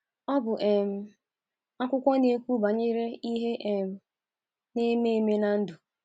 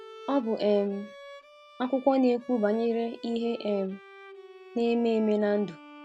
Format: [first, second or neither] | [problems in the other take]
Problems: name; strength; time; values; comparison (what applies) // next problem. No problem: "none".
first | background sound (Bowed string instrument); 20 dB below the speech